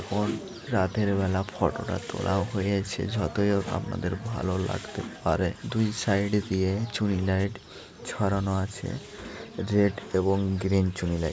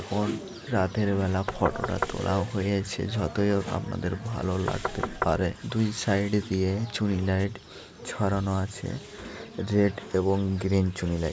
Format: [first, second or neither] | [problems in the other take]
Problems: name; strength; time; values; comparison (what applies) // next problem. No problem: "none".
first | background sound (Knock); 7 dB below the speech